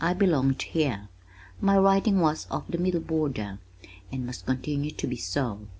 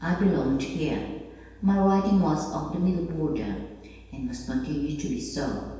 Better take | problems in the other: first | room echo; dies away in 1.2 s

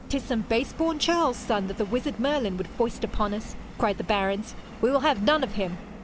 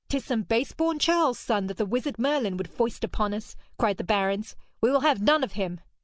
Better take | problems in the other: second | background sound (Subway, metro, underground); 13 dB below the speech

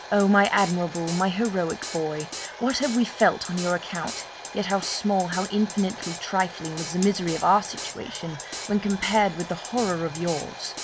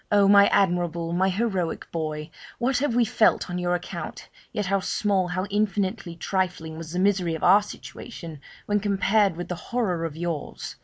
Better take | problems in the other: second | background sound (Drum kit + Domestic sounds, home sounds); 12 dB below the speech

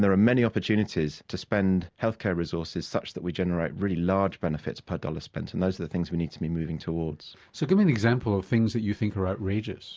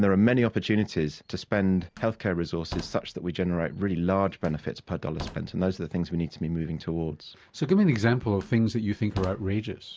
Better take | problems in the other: first | background sound (Slam); 18 dB below the speech

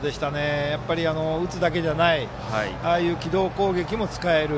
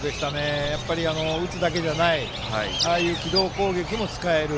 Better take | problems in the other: first | background sound (Bird); 7 dB below the speech

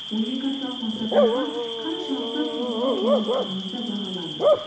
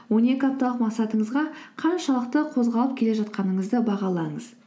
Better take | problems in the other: second | background sound (Bark / Cricket); 4 dB above the speech // room echo; dies away in 0.8 s

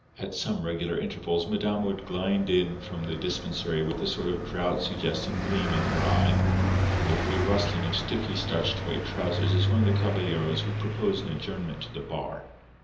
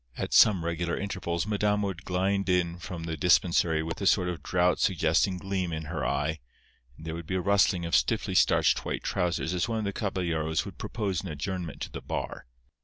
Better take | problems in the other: second | background sound (Car passing by); as loud as the speech // room echo; dies away in 1.2 s

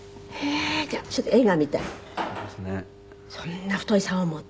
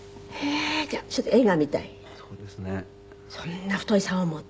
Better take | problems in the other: second | background sound (Drawer open or close); 11 dB below the speech

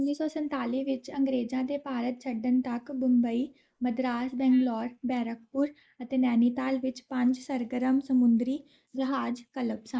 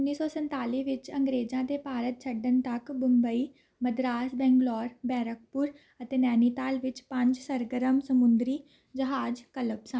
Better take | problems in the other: second | noise reduction (neural mask model Resemble Enhance denoiser)

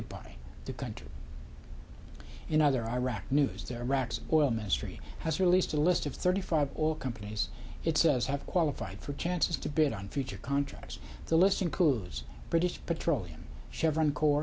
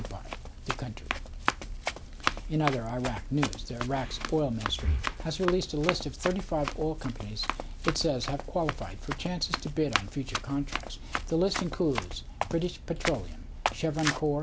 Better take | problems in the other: first | background sound (Run + Breathing); 5 dB below the speech

